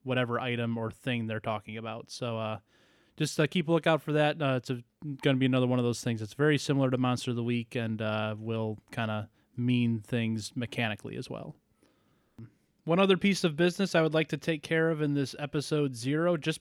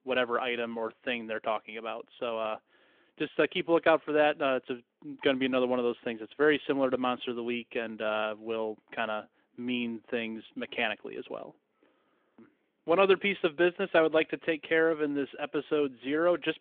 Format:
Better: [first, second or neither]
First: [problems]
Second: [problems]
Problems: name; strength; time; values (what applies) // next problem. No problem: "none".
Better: first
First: none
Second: phone-call audio; nothing above 3.5 kHz